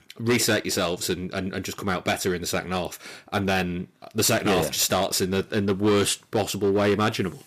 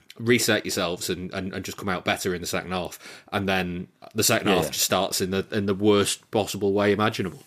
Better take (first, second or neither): second